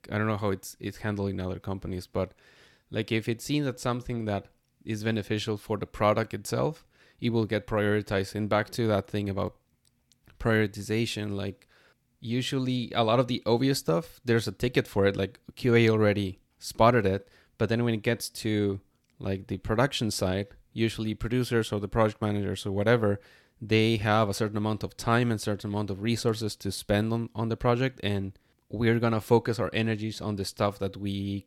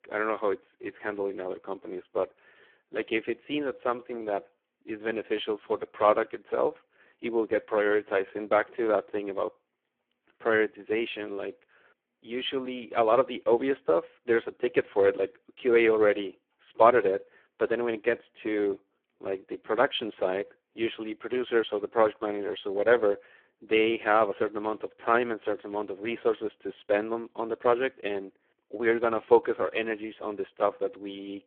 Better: first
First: none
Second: phone-call audio; poor line

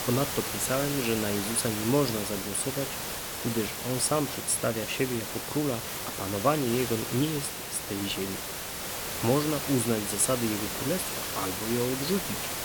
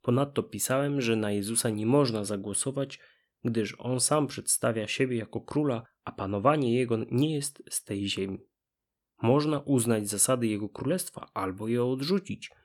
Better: second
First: hiss; loud; throughout; 3 dB below the speech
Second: none

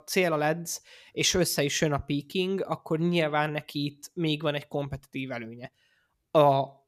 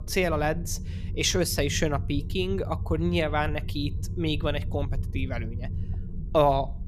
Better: first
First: none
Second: low rumble; noticeable; throughout; 20 dB below the speech

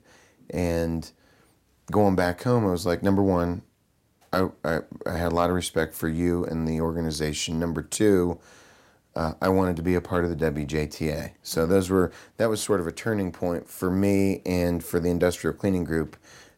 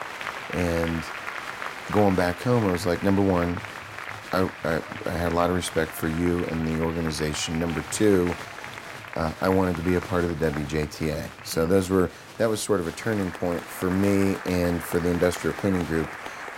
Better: first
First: none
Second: crowd noise; noticeable; throughout; 10 dB below the speech

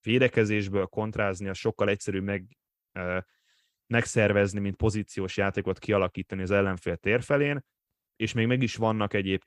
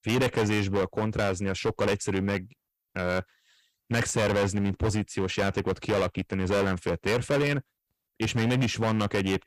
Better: first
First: none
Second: distortion; heavy; 17% of the sound clipped

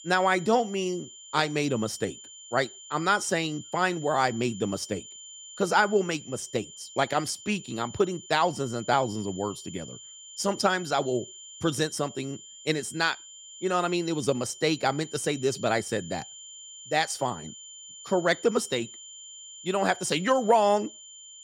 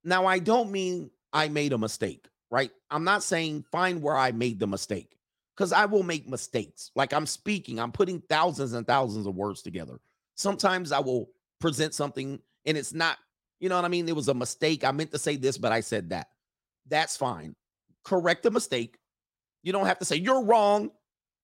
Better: second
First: high-pitched whine; noticeable; throughout; 7 kHz, 15 dB below the speech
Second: none

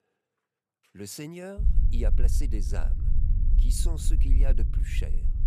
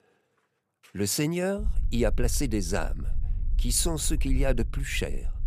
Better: second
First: low rumble; loud; from 1.5 s on; 7 dB below the speech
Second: low rumble; faint; from 1.5 s on; 25 dB below the speech

